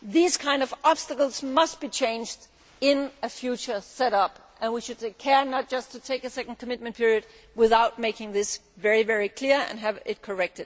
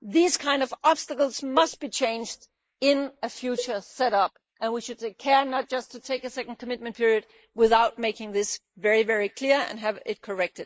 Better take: first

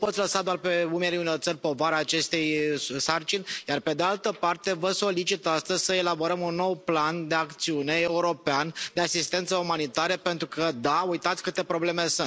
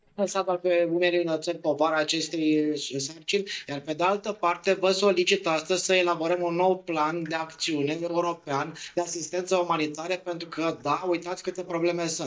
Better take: first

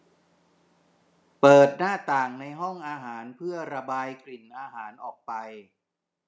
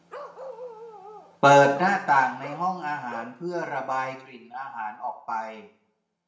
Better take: first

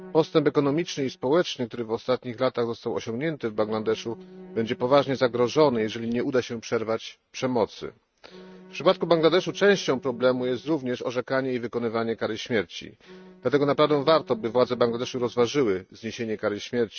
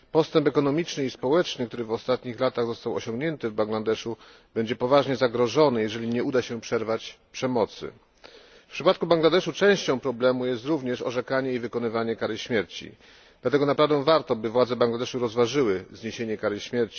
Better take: second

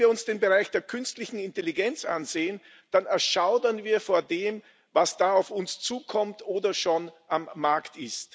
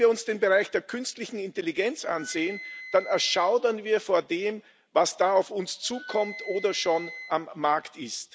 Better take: first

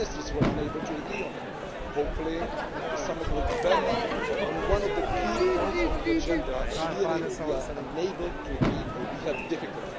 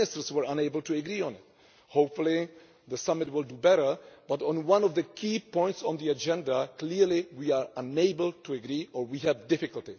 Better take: second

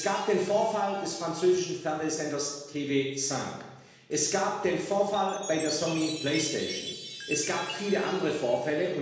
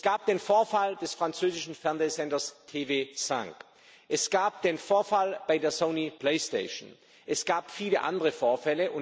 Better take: second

